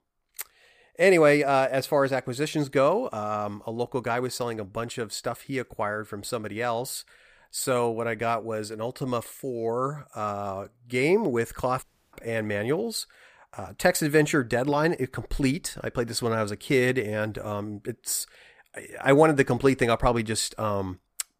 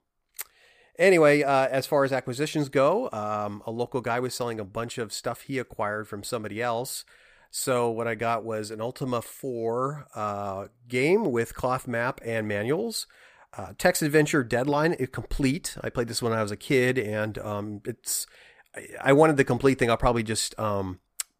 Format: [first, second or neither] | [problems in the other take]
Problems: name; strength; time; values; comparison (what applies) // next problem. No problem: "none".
second | audio cutting out; at 12 s